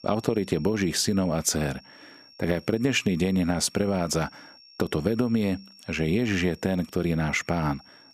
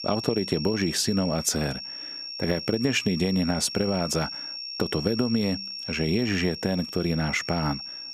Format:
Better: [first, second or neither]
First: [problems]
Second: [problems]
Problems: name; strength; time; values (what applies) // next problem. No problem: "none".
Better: first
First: high-pitched whine; faint; throughout; 5.5 kHz, 25 dB below the speech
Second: high-pitched whine; loud; throughout; 5.5 kHz, 7 dB below the speech